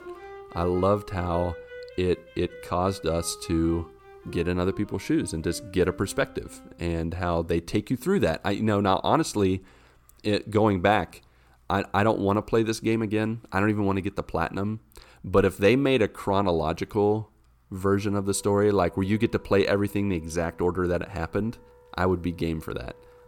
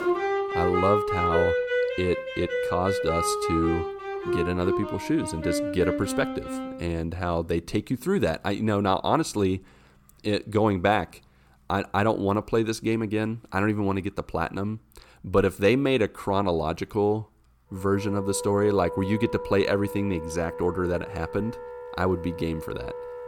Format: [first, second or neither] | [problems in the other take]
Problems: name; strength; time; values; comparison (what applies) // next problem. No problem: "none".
first | background music; loud; throughout; 4 dB below the speech; faint in the first